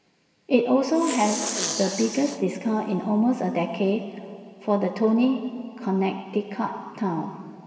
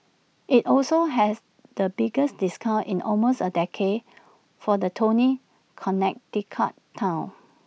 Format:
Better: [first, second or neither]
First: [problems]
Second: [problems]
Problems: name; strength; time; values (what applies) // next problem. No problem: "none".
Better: second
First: background sound (Respiratory sounds); 9 dB below the speech // room echo; dies away in 2.5 s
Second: none